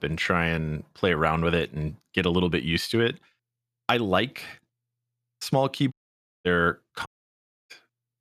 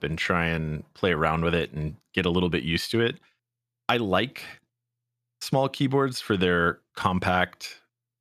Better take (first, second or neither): second